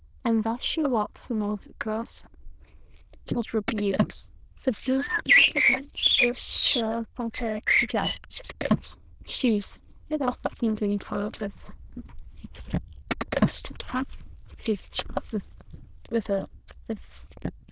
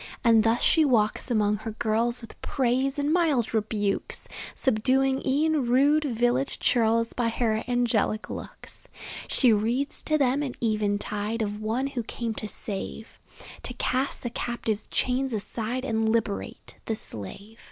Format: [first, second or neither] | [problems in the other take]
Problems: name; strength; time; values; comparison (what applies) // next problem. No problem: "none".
second | noise reduction (neural diffusion model UNIVERSE++)